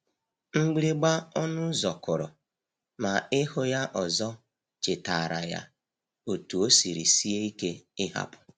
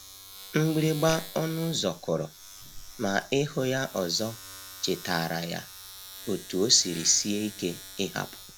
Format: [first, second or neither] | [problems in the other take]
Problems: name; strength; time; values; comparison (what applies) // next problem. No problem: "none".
first | background sound (Domestic sounds, home sounds); 15 dB below the speech